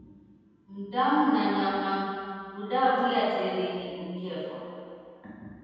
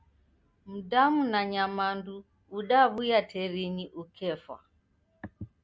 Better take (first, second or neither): second